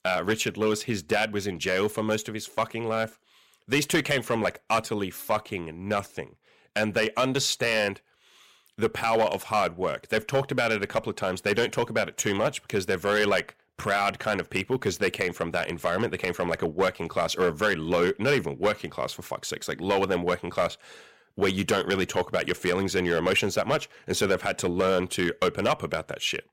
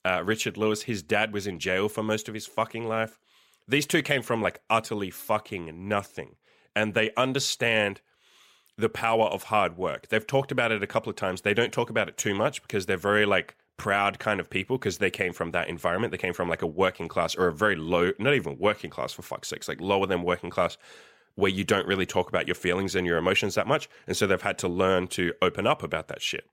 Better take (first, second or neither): second